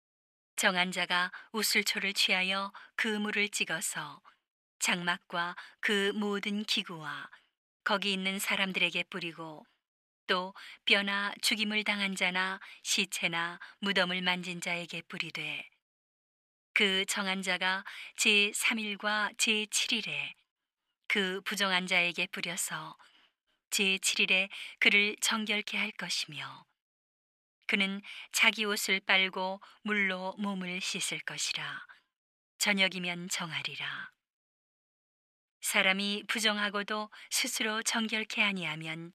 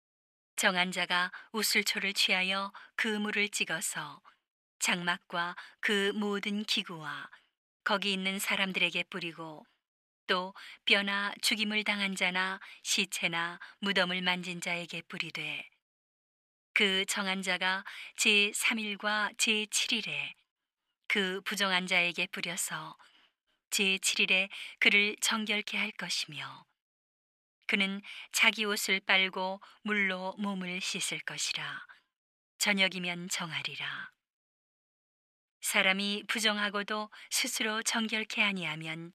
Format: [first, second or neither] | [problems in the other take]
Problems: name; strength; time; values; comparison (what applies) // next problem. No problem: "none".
neither | thin; somewhat; fading below 550 Hz; the same in both